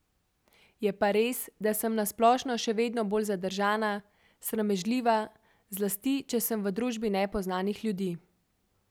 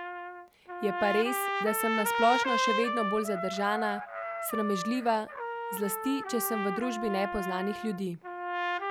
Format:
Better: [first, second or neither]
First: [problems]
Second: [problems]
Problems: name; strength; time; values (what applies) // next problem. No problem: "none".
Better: first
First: none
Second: background sound (Trumpet); 2 dB below the speech